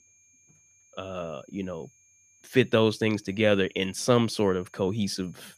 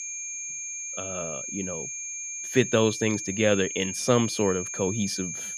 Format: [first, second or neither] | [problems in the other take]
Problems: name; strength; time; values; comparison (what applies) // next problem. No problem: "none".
first | high-pitched whine; loud; throughout; 6.5 kHz, 6 dB below the speech; faint in the first